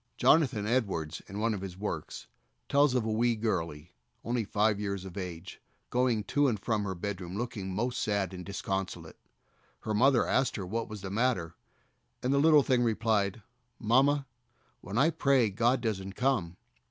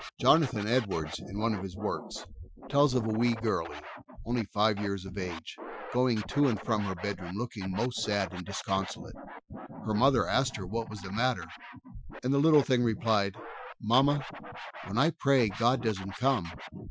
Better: first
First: none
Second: noise reduction (classical method Wiener filter)

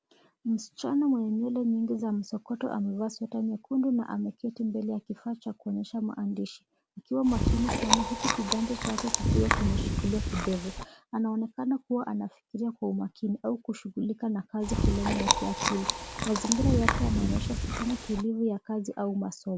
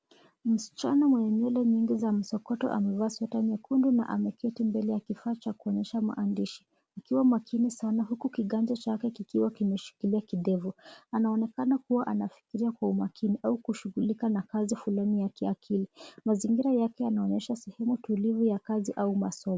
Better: second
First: background sound (Chewing, mastication); 2 dB above the speech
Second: none

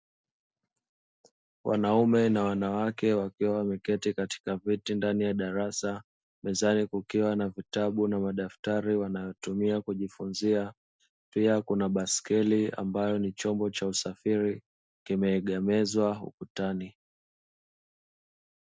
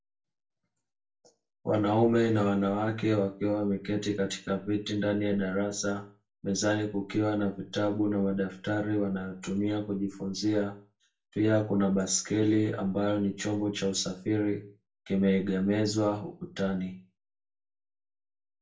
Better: first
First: none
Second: room echo; dies away in 0.3 s

